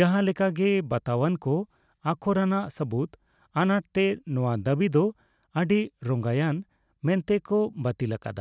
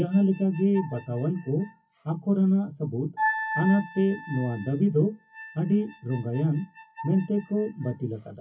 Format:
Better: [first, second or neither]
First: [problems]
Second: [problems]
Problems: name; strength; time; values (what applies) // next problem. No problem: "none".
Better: first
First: none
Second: noise reduction (classical method WPE with log-MMSE)